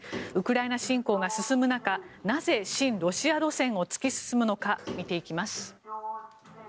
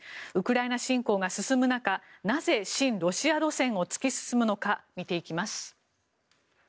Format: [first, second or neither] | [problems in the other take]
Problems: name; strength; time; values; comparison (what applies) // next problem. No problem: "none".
second | background sound (Sliding door); 14 dB below the speech